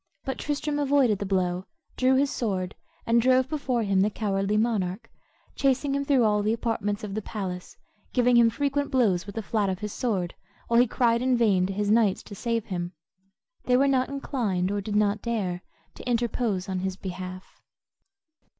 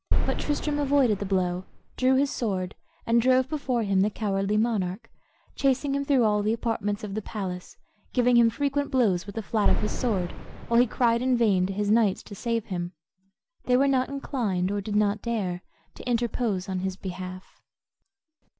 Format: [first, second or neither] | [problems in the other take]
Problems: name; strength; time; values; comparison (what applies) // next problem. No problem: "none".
first | background sound (Boom); as loud as the speech